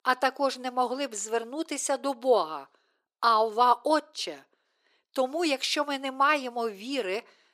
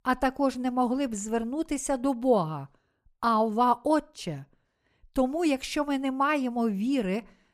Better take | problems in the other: second | thin; somewhat; fading below 350 Hz

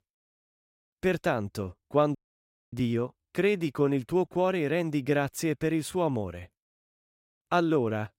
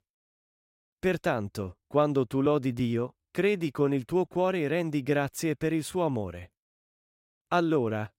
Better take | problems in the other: second | audio cutting out; at 2 s for 0.5 s

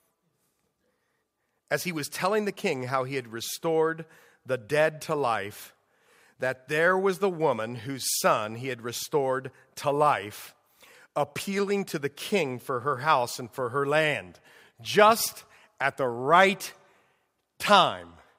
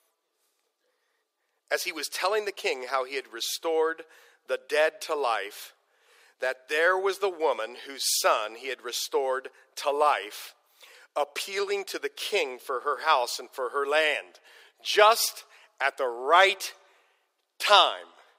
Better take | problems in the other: first | thin; very; fading below 350 Hz

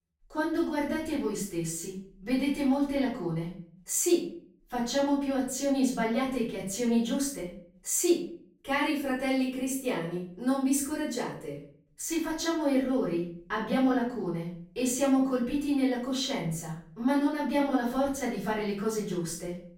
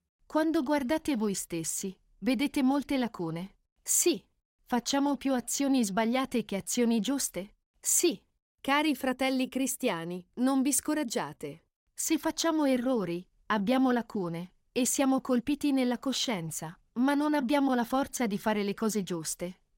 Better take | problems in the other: second | off-mic speech; far // room echo; noticeable; dies away in 0.5 s

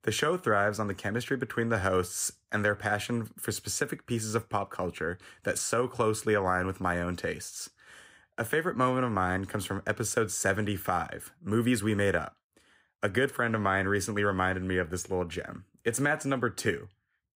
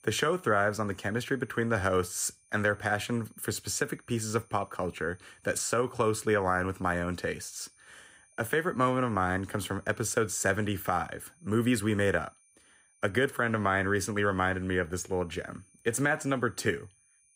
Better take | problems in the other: first | high-pitched whine; faint; throughout; 9.5 kHz, 30 dB below the speech

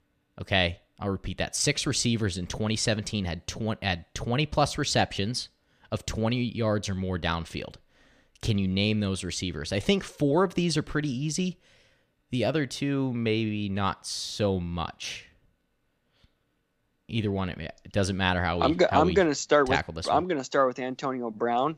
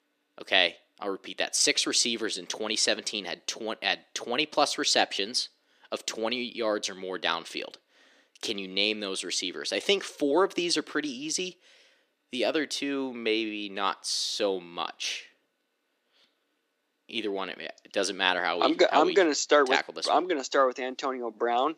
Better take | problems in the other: first | thin; somewhat; fading below 300 Hz

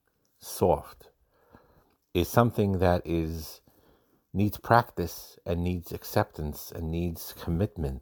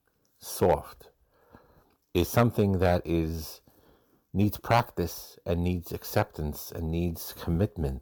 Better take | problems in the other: first | distortion; slight; 0.5% of the sound clipped

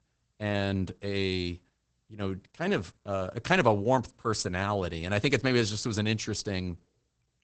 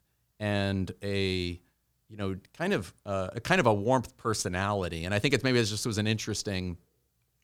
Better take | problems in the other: second | garbled, watery; badly; nothing above 8 kHz

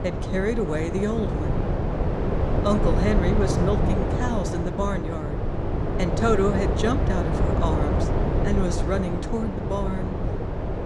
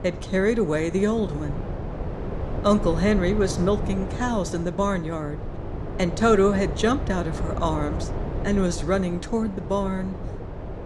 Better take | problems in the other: second | wind noise on the microphone; heavy; 1 dB below the speech; occasional gusts in the second

